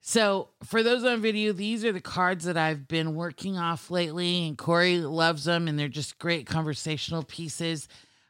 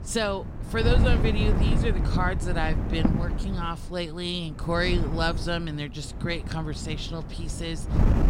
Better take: first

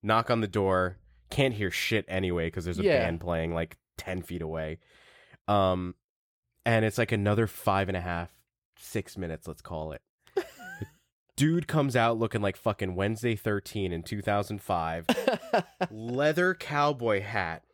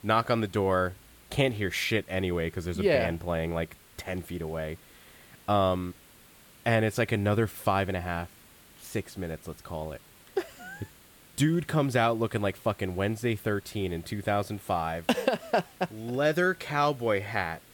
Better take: first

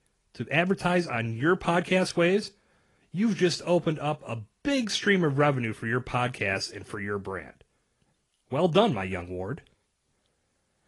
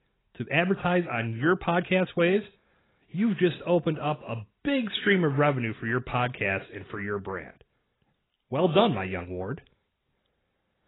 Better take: first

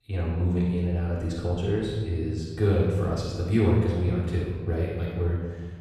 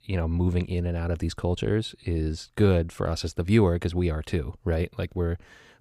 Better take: second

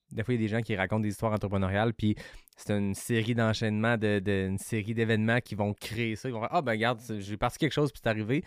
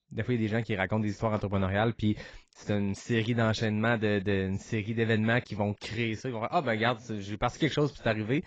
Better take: first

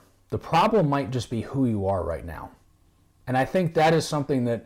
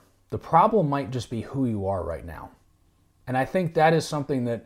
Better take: second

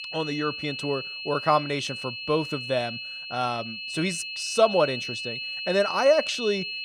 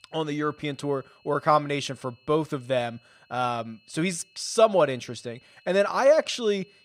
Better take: second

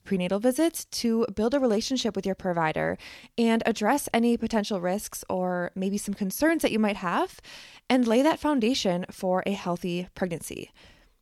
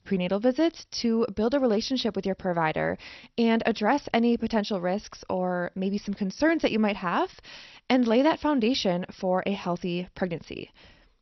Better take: first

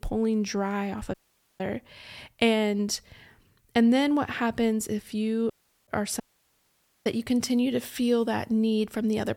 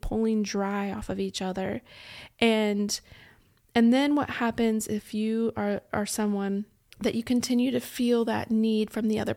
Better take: second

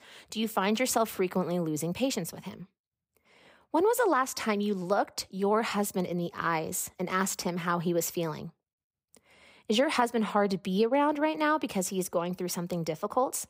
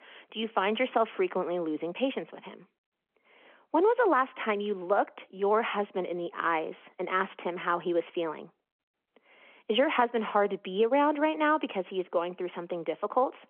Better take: first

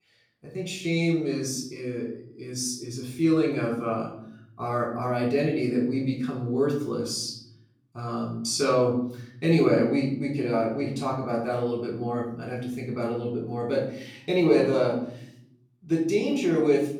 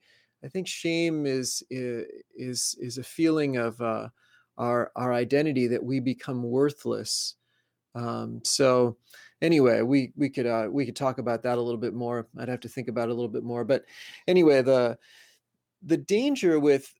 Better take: second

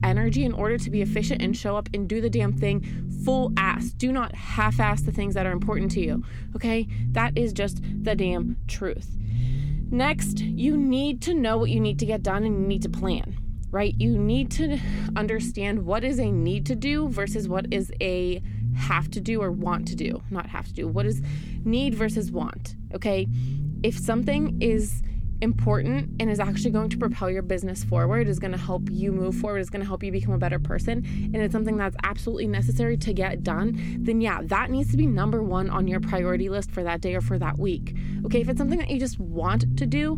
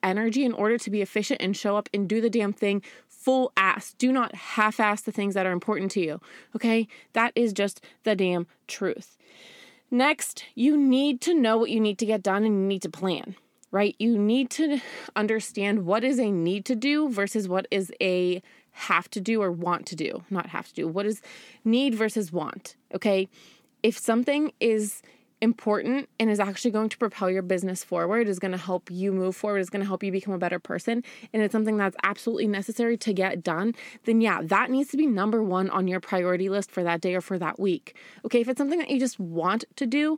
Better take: second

